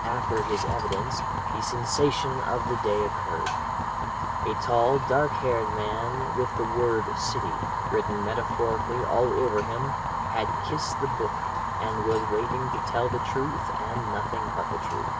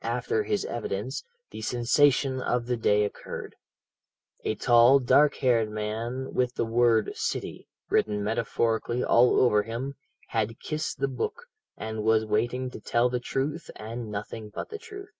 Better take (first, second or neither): second